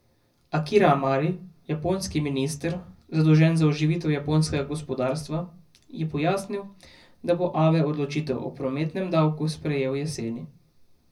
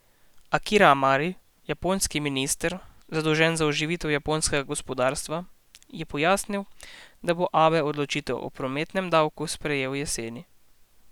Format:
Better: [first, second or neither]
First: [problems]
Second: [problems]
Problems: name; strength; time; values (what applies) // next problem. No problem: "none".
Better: second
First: room echo; dies away in 0.4 s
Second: none